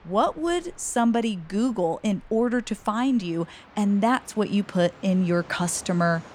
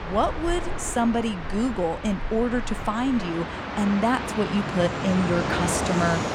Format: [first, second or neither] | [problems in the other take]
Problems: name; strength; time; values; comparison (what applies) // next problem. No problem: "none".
first | train or aircraft noise; loud; throughout; 5 dB below the speech; faint in the first